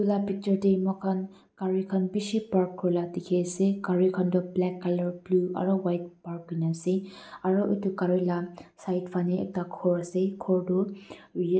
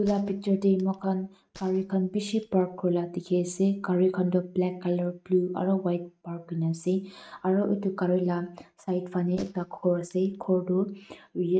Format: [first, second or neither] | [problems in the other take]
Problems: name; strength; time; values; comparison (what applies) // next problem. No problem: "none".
first | noise reduction (neural mask model RNNoise)